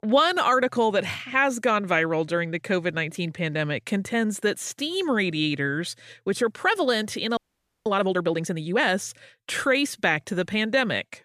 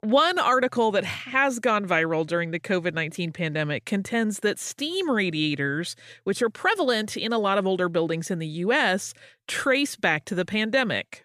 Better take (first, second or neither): second